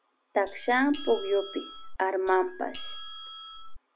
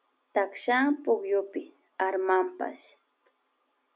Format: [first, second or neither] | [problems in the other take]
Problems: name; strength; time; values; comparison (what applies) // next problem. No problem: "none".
second | background sound (Doorbell); 11 dB below the speech